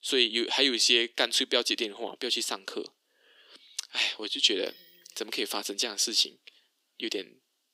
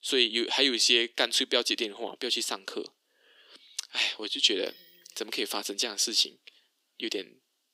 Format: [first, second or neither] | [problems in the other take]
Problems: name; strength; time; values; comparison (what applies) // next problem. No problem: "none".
neither | thin; somewhat; fading below 300 Hz; the same in both